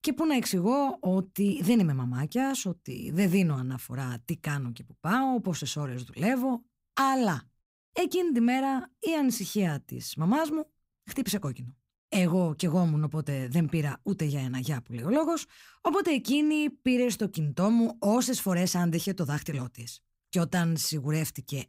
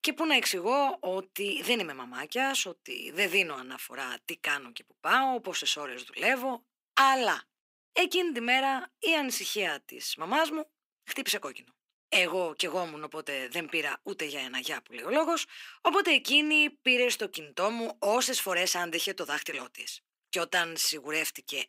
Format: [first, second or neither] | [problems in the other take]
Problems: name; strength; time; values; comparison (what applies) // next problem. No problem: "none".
first | thin; very; fading below 350 Hz